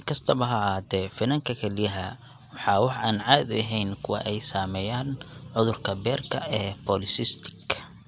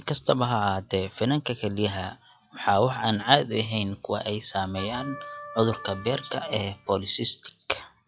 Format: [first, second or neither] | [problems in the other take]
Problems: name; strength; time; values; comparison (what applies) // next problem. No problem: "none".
first | noise reduction (classical method log-MMSE)